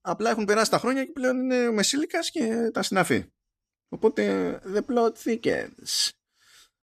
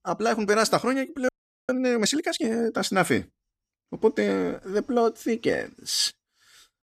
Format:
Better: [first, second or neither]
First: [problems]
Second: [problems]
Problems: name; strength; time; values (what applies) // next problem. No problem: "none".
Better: first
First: none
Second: audio freezing; at 1.5 s